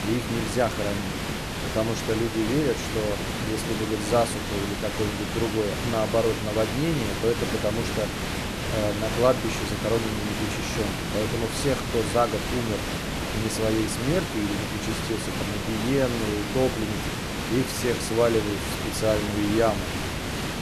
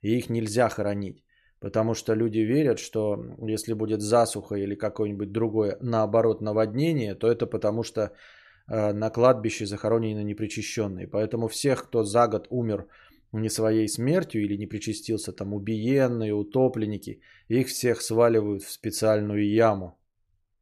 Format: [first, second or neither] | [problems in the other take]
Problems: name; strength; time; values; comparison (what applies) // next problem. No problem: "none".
second | hiss; loud; throughout; 2 dB below the speech